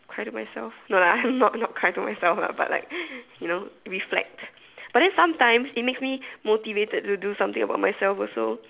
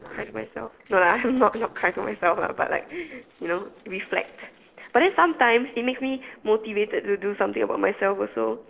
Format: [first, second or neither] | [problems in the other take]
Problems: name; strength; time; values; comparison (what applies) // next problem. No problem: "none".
first | noise reduction (neural separator model SepFormer DNS4)